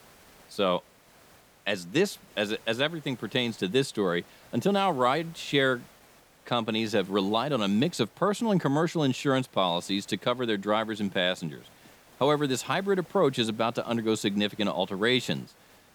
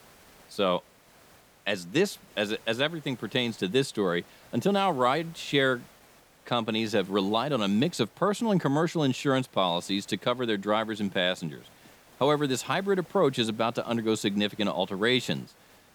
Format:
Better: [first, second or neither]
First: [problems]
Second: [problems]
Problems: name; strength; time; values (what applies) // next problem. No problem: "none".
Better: neither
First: hiss; faint; throughout; 25 dB below the speech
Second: hiss; faint; throughout; 25 dB below the speech